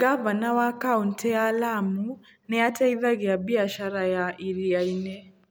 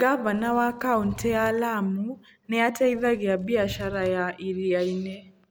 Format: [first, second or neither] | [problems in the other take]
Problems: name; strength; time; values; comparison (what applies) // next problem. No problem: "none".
first | background sound (Wood / Tools); 16 dB below the speech